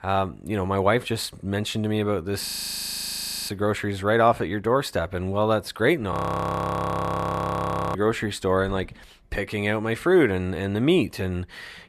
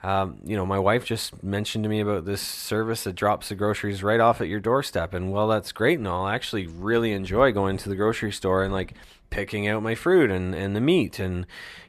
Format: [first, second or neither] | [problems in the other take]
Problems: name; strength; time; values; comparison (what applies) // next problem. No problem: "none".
second | audio freezing; at 2.5 s for 1 s and at 6 s for 2 s